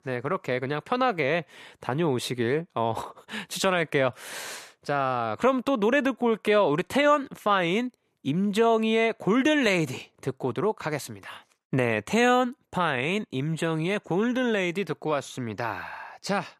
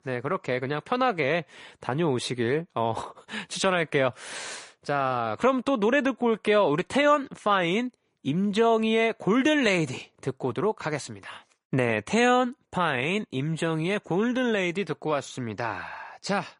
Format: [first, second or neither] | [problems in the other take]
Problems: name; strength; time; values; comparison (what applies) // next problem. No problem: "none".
first | garbled, watery; slightly; nothing above 10.5 kHz